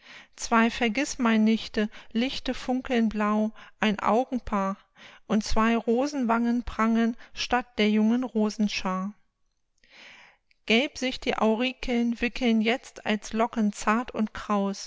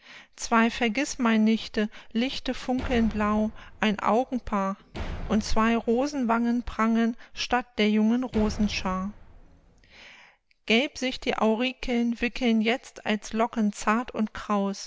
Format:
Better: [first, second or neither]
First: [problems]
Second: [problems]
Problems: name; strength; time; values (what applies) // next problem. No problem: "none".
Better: first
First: none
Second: background sound (Slam); 12 dB below the speech